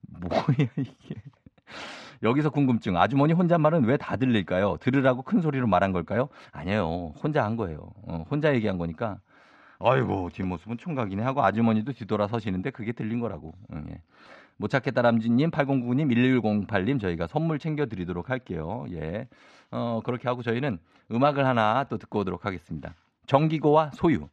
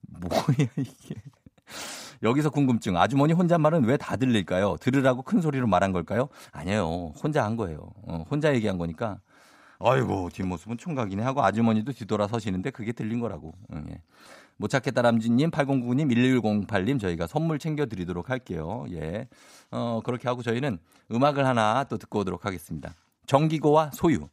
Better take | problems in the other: second | muffled; slightly; fading above 3 kHz

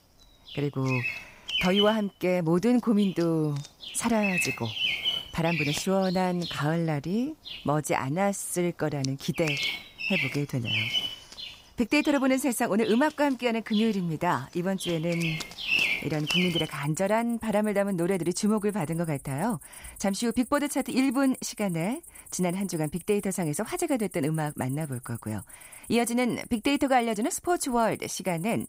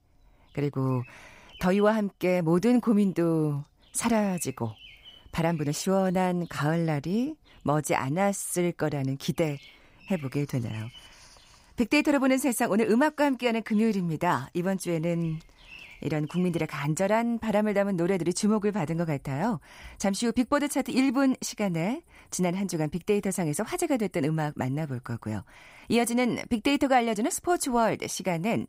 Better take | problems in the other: second | animal sounds; loud; throughout; 4 dB below the speech; faint in the second

